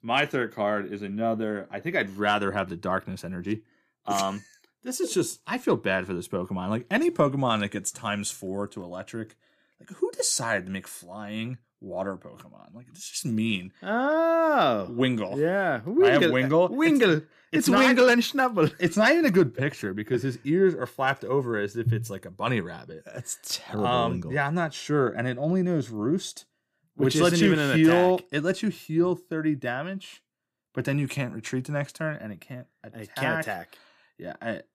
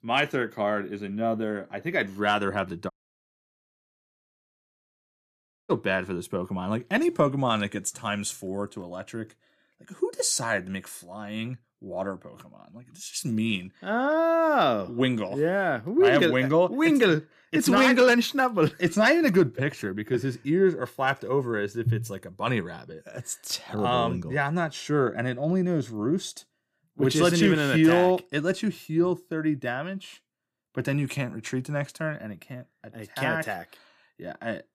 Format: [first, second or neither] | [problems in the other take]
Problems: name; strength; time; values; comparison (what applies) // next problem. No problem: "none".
first | audio cutting out; at 3 s for 3 s